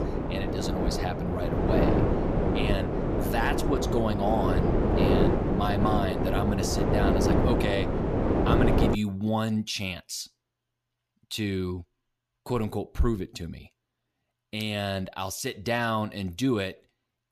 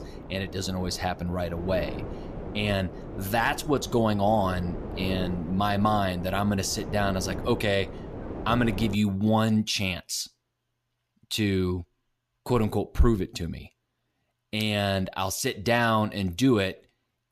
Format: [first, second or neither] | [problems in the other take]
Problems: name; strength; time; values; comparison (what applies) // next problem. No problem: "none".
second | wind noise on the microphone; heavy; until 9 s; 2 dB above the speech; occasional gusts in the second